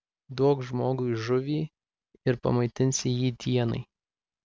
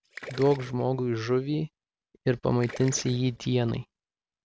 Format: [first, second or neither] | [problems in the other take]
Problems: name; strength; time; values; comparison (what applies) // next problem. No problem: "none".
first | background sound (Gurgling); 19 dB below the speech